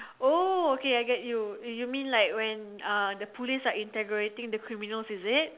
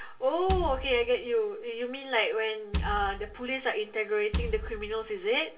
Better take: first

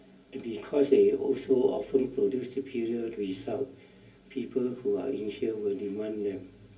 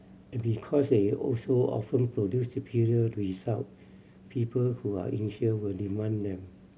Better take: second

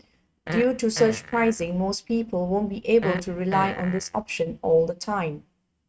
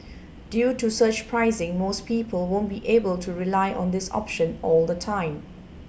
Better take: second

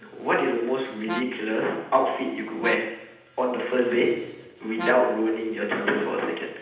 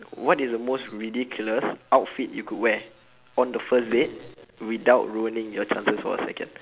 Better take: second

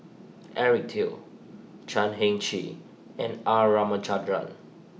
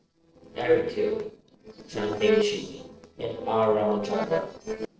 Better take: first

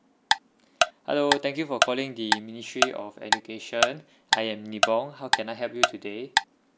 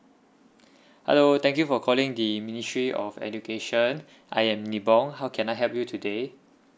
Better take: second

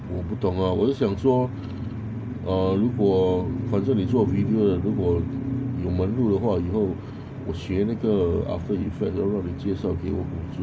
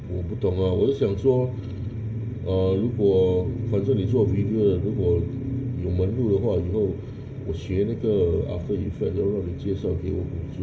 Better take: first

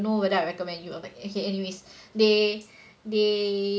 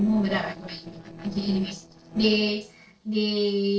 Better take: first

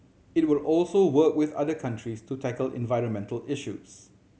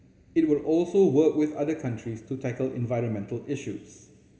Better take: first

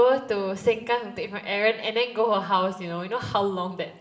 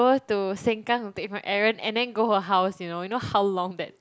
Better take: second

